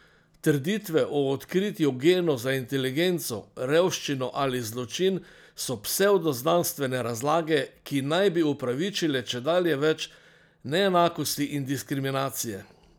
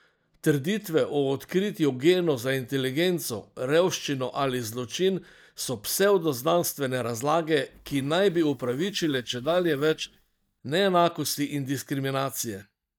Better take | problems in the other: first | noise reduction (neural mask model DeepFilterNet 3)

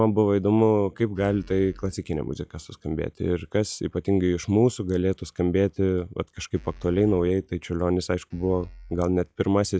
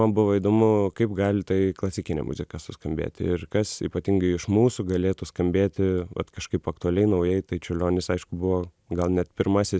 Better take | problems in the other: second | noise reduction (classical method log-MMSE)

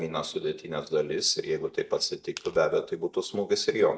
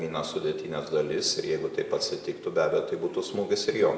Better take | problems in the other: second | noise reduction (neural mask model DeepFilterNet 3)

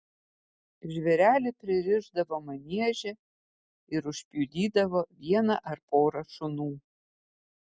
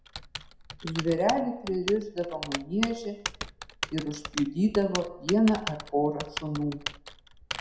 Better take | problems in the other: first | background sound (Typing); 9 dB below the speech // room echo; dies away in 0.6 s

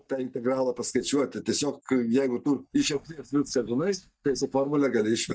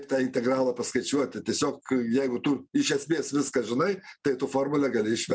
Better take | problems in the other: second | noise reduction (neural mask model DeepFilterNet 3)

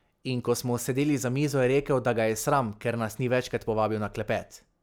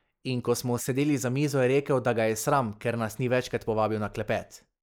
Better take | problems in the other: first | noise reduction (neural mask model Resemble Enhance denoiser)

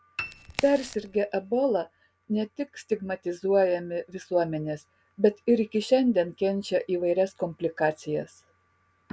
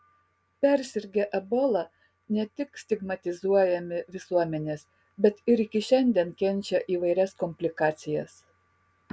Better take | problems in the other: second | background sound (Crack + Piano); 12 dB below the speech

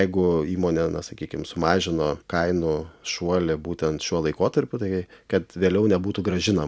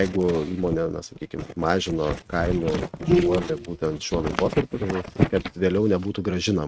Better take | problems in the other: first | noise reduction (neural mask model RNNoise)

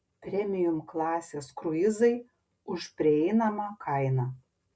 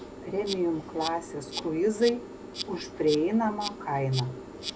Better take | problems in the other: first | background sound (Insect); 10 dB below the speech

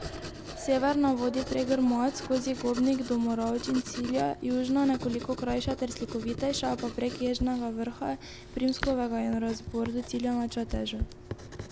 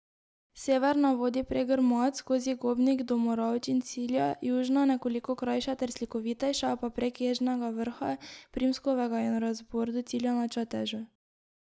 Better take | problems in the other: second | background sound (Writing); 10 dB below the speech

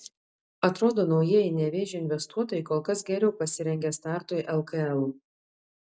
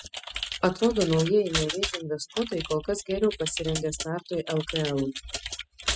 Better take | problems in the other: first | noise reduction (classical method spectral subtraction)

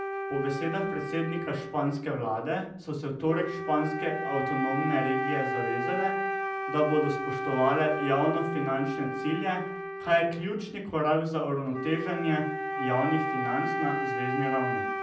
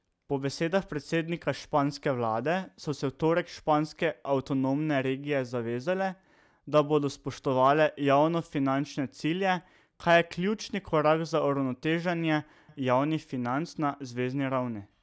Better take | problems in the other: second | background sound (Wind instrument, woodwind instrument); 3 dB below the speech // room echo; dies away in 0.6 s

